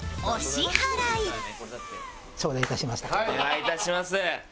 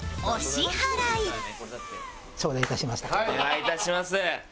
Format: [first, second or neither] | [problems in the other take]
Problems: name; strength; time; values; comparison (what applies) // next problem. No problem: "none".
second | background sound (Finger snapping); 10 dB below the speech